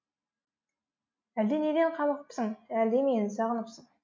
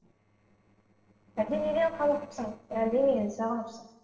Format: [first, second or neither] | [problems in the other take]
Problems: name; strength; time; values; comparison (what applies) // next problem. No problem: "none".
first | noise reduction (neural separator model SepFormer DNS4)